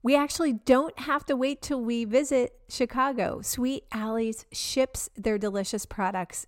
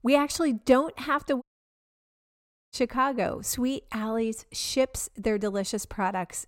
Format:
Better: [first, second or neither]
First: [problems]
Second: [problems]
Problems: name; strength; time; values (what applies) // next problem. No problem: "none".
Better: first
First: none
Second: audio cutting out; at 1.5 s for 1.5 s